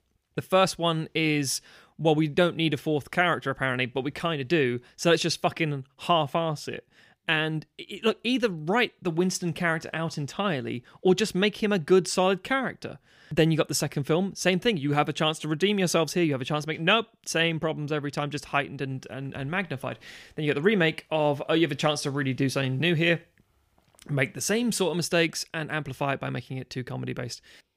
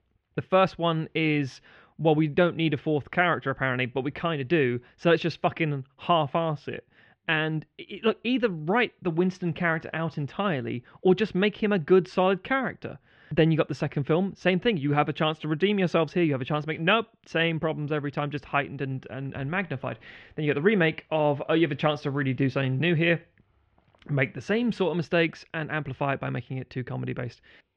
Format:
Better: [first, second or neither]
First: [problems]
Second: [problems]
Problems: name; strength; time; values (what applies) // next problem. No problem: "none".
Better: first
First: none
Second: muffled; very; fading above 3 kHz